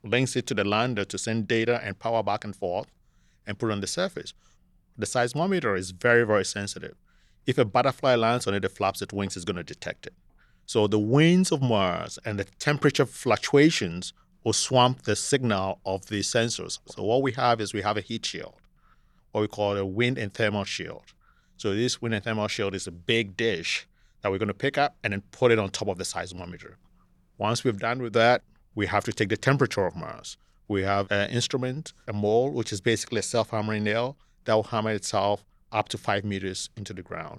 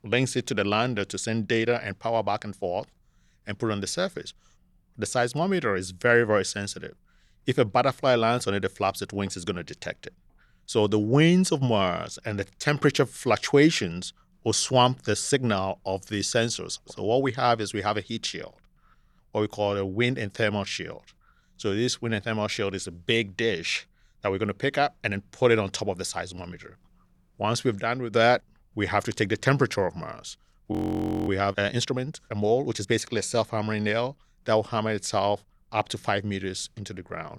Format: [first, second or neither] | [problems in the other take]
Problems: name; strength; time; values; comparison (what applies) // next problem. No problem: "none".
first | audio freezing; at 31 s for 0.5 s